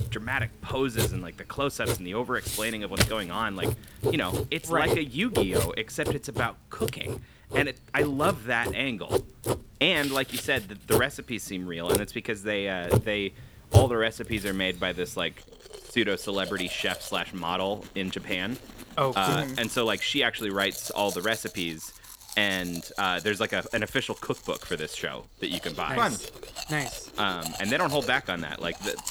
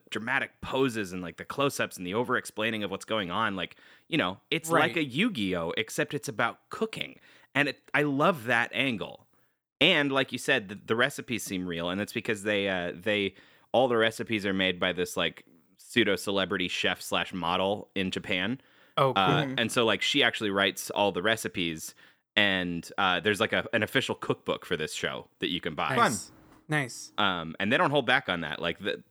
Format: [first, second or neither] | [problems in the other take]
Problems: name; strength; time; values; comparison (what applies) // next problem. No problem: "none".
second | household noises; loud; throughout; 4 dB below the speech